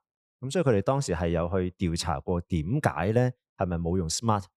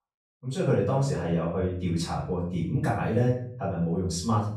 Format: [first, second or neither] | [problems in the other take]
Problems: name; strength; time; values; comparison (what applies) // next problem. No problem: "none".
first | off-mic speech; far // room echo; noticeable; dies away in 0.6 s